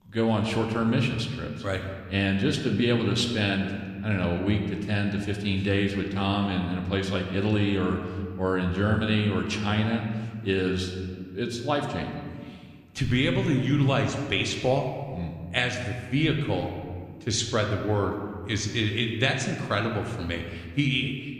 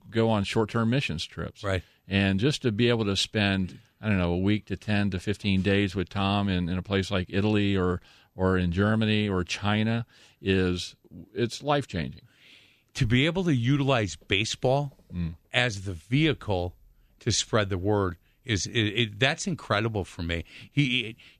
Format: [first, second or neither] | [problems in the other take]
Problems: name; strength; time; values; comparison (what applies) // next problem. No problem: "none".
second | room echo; slight; dies away in 1.5 s